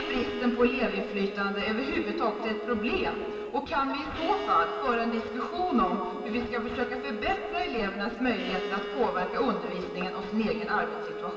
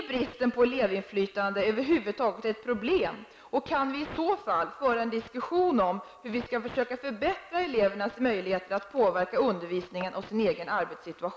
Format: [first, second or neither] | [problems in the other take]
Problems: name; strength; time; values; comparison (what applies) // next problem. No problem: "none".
second | background sound (Bowed string instrument); 8 dB below the speech // room echo; dies away in 2.4 s